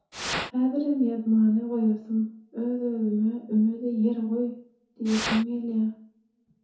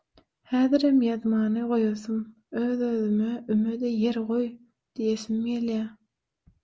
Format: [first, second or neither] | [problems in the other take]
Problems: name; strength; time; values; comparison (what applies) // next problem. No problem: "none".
second | background sound (Fire); 4 dB below the speech // room echo; dies away in 0.5 s